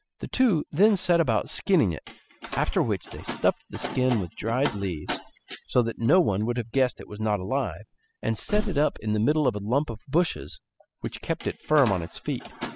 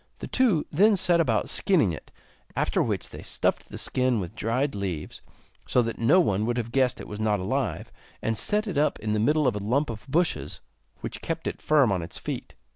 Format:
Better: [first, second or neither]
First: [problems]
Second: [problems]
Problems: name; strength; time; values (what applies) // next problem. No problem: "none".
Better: second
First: noise reduction (classical method spectral subtraction)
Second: none